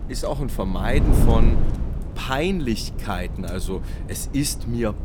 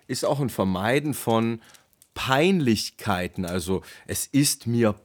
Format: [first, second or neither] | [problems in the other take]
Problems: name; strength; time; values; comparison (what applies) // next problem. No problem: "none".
second | wind noise on the microphone; heavy; 8 dB below the speech